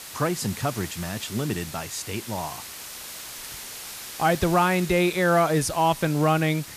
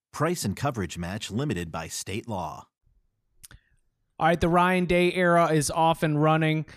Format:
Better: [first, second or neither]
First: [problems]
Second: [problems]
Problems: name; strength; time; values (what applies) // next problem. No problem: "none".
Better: second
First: hiss; noticeable; throughout; 10 dB below the speech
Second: none